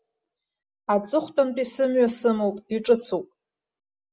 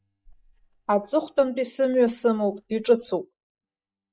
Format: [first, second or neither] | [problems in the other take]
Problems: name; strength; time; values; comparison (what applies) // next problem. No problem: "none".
first | noise reduction (neural mask model DeepFilterNet 3)